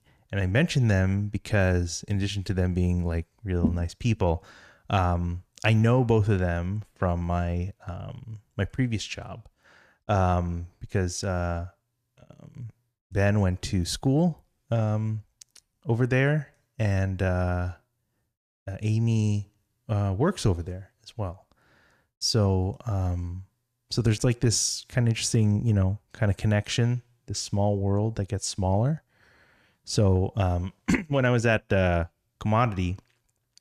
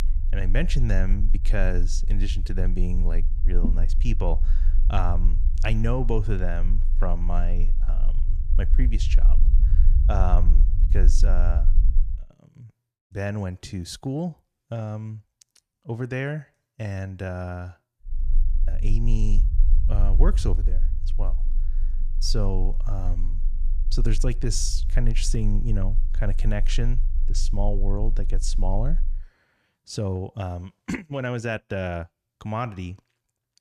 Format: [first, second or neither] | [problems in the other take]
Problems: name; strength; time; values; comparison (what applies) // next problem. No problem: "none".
first | low rumble; noticeable; until 12 s and from 18 to 29 s; 15 dB below the speech